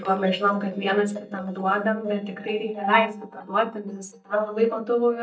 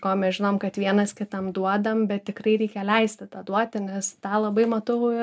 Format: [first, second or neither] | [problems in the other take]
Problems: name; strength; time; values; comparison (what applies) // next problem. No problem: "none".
second | noise reduction (neural mask model DeepFilterNet 3)